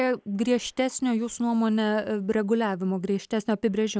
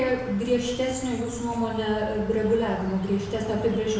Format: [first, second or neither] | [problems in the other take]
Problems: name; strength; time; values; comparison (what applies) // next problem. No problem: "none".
first | background sound (Insect); 13 dB below the speech // room echo; dies away in 0.8 s